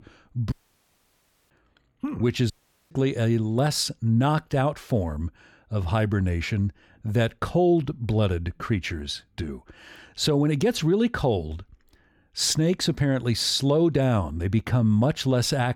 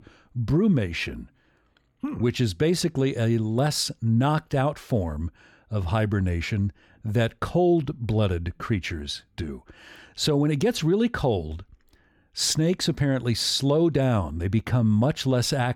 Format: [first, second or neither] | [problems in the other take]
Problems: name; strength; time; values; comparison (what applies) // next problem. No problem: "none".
second | audio cutting out; at 0.5 s for 1 s and at 2.5 s